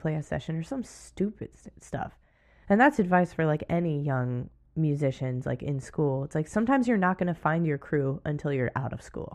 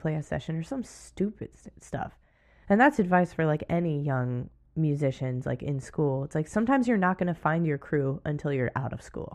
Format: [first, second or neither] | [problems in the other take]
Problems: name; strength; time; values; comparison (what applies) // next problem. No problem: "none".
neither | muffled; slightly; fading above 3 kHz; the same in both